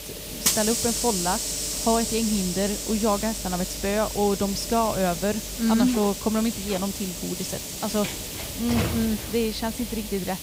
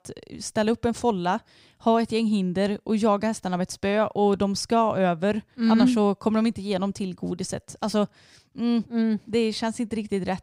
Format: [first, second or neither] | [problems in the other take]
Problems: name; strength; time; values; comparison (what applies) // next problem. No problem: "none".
second | hiss; loud; throughout; 2 dB below the speech